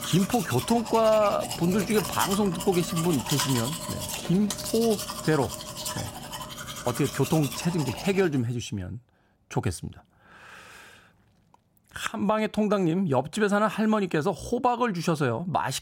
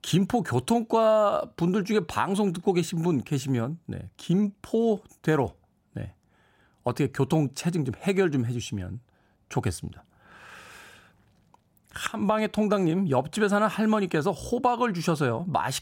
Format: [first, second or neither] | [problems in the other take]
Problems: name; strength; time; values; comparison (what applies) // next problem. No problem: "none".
second | household noises; loud; until 8 s; 7 dB below the speech